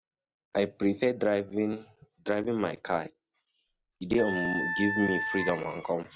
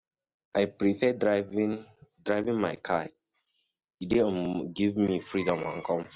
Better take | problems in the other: second | background sound (Wind instrument, woodwind instrument); 4 dB below the speech

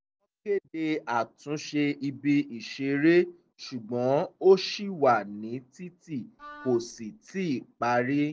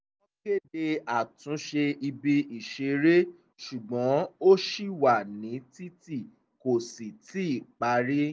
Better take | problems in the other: second | noise reduction (neural separator model SepFormer DNS4)

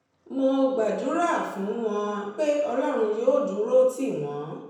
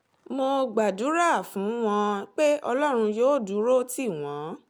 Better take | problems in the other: second | room echo; dies away in 0.9 s

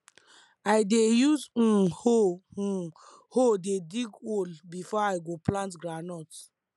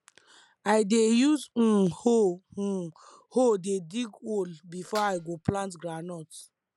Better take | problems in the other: first | background sound (Dishes, pots, and pans); 18 dB below the speech

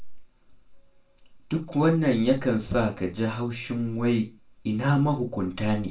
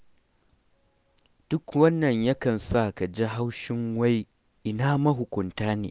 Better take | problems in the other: second | room echo; dies away in 0.3 s

